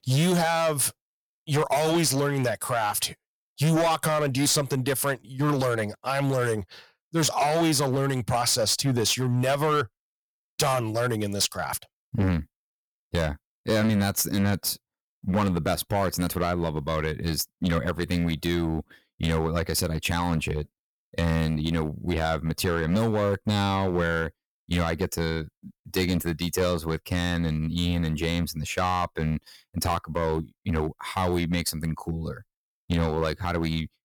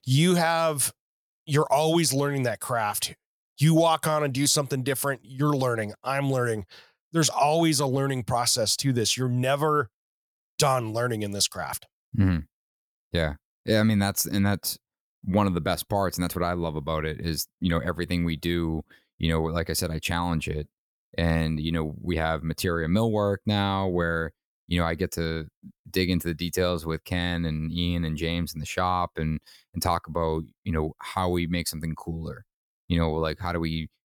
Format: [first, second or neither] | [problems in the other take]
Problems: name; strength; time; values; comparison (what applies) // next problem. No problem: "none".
second | distortion; slight; 9% of the sound clipped